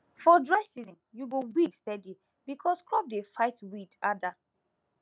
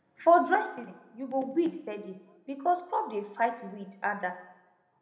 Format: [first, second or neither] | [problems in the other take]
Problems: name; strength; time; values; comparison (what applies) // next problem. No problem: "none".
first | room echo; dies away in 0.8 s